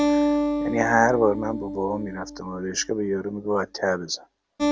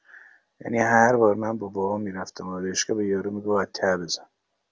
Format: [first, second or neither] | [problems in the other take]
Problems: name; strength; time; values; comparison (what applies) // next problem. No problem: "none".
second | background sound (Acoustic guitar); 2 dB below the speech